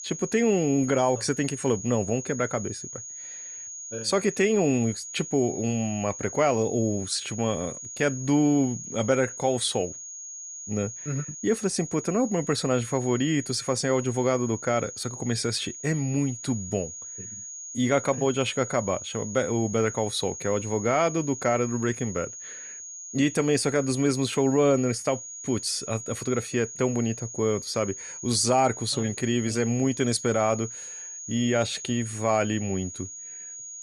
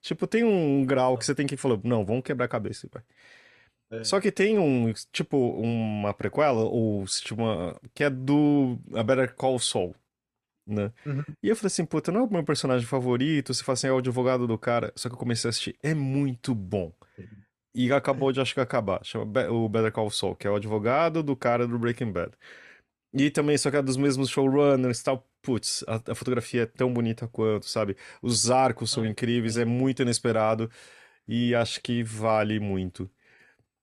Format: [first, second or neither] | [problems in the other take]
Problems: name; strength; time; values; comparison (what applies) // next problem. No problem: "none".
second | high-pitched whine; noticeable; throughout; 6.5 kHz, 10 dB below the speech